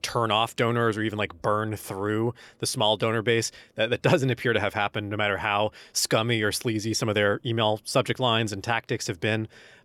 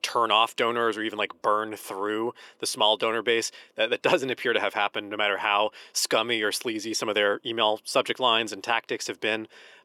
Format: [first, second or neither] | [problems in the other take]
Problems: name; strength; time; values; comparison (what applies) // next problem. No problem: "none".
first | thin; somewhat; fading below 350 Hz